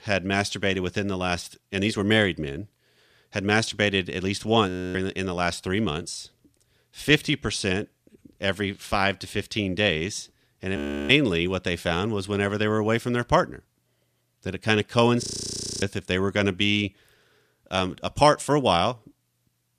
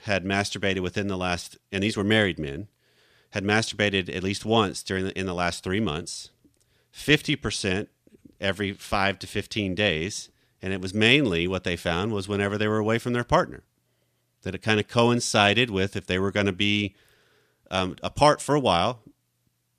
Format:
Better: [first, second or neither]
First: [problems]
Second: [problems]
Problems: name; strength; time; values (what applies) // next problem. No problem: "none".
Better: second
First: audio freezing; at 4.5 s, at 11 s and at 15 s for 0.5 s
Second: none